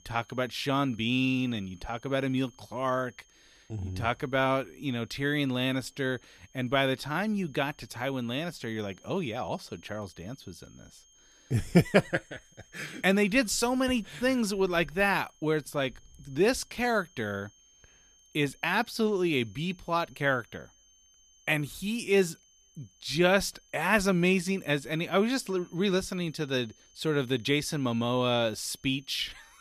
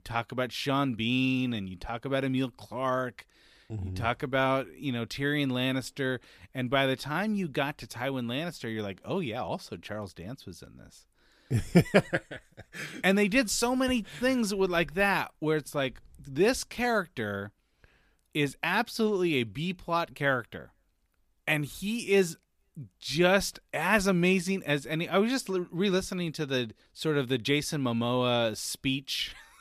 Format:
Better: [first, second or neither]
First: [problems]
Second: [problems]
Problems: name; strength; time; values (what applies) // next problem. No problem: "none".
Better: second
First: high-pitched whine; faint; throughout; 6.5 kHz, 30 dB below the speech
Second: none